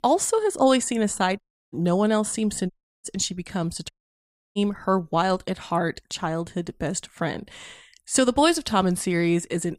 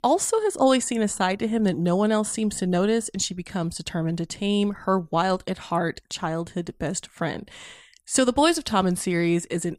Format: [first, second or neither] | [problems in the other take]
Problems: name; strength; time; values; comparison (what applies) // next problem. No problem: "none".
second | audio cutting out; at 1.5 s, at 2.5 s and at 4 s for 0.5 s